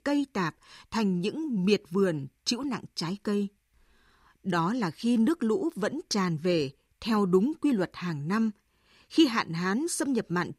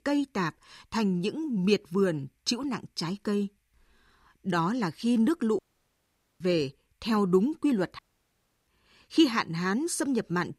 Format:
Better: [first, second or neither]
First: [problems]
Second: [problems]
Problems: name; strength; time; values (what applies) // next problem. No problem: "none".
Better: first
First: none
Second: audio cutting out; at 5.5 s for 1 s and at 8 s for 0.5 s